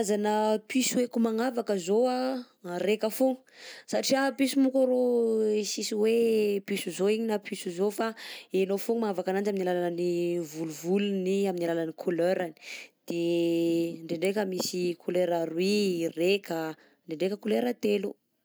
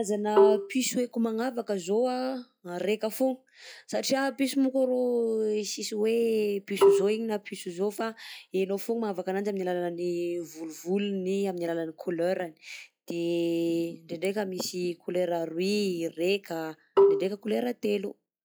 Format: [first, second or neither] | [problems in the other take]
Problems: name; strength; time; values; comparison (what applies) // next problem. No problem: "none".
first | noise reduction (classical method log-MMSE)